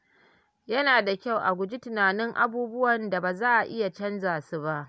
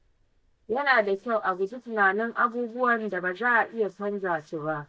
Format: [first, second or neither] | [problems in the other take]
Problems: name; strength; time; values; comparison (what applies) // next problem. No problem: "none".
first | noise reduction (neural mask model DeepFilterNet 3)